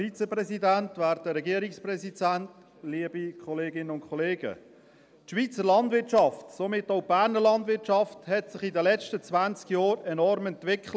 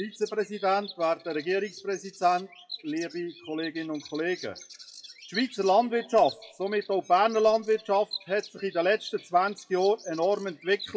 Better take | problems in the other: first | noise reduction (classical method WPE with log-MMSE)

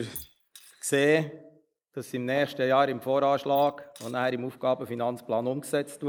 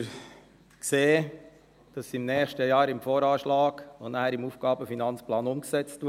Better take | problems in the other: second | noise reduction (neural mask model Resemble Enhance denoiser)

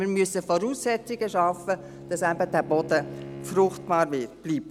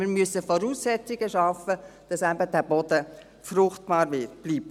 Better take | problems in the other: second | background sound (Bowed string instrument); 16 dB below the speech

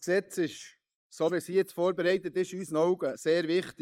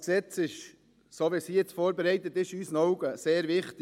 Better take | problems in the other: second | noise reduction (neural mask model Resemble Enhance denoiser)

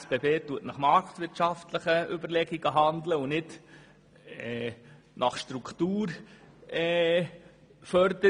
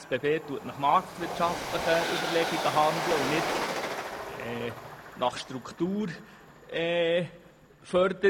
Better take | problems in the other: first | background sound (Train); 6 dB below the speech

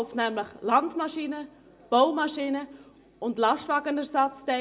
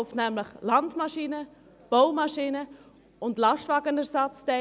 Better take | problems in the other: second | room echo; dies away in 0.3 s

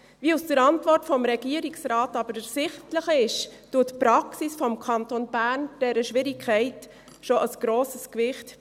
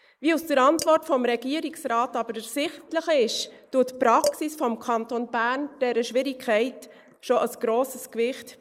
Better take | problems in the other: first | noise reduction (neural mask model Resemble Enhance denoiser)

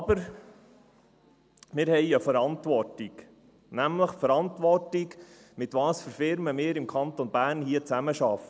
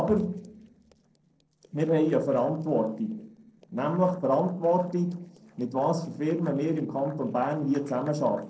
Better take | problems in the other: first | noise reduction (neural separator model SepFormer DNS4)

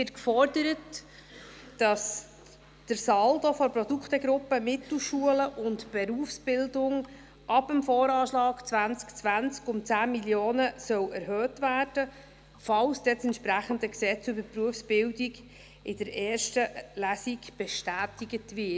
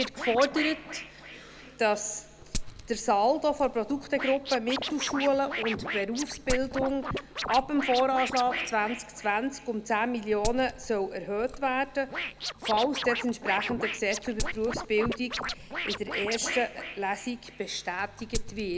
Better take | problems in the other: first | background sound (Scratching (performance technique) + Glass); 7 dB below the speech

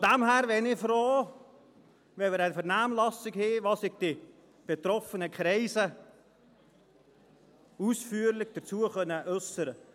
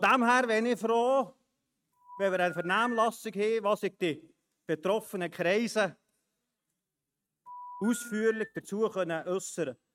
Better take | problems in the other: first | noise reduction (neural mask model RNNoise)

